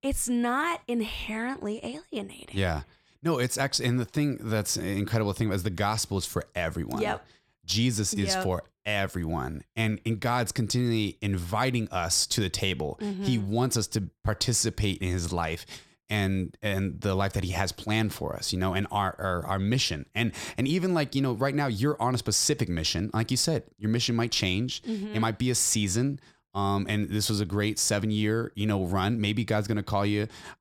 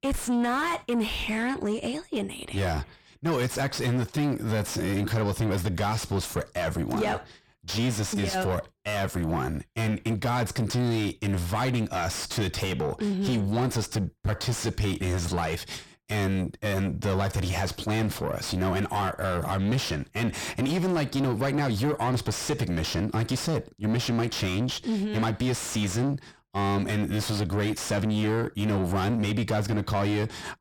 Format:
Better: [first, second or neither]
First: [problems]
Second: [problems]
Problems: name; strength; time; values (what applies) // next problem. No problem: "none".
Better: first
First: none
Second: distortion; heavy; 5 dB below the speech